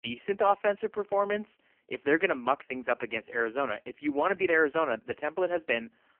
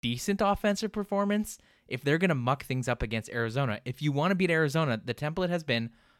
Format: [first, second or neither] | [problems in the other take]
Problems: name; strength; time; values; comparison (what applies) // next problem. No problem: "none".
second | phone-call audio; poor line; nothing above 3 kHz